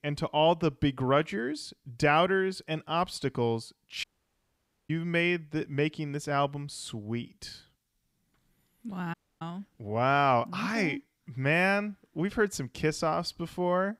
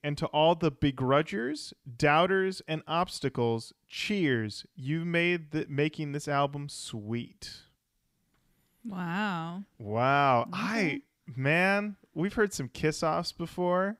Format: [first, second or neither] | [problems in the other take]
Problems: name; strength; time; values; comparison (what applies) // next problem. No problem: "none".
second | audio cutting out; at 4 s for 1 s and at 9 s